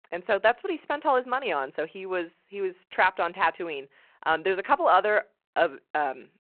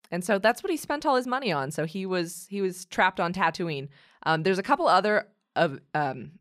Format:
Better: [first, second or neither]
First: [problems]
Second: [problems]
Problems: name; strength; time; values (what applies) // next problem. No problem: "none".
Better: second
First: phone-call audio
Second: none